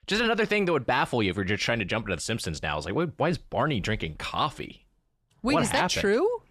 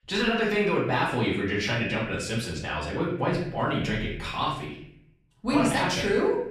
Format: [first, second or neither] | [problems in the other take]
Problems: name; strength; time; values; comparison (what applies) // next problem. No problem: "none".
first | off-mic speech; far // room echo; noticeable; dies away in 0.7 s